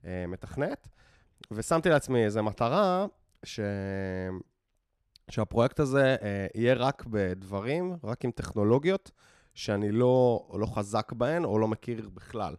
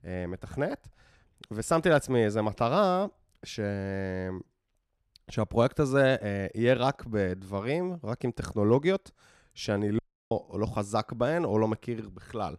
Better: first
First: none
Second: audio cutting out; at 10 s

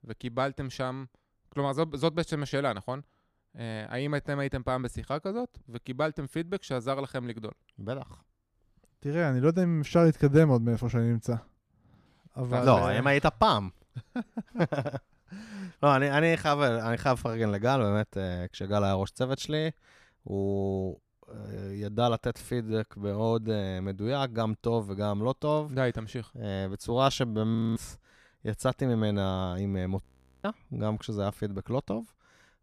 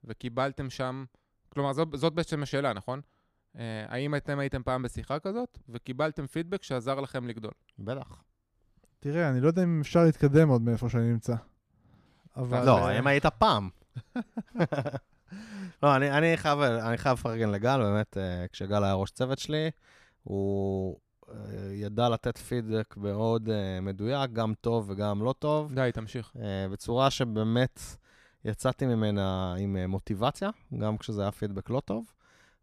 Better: second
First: audio freezing; at 28 s and at 30 s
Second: none

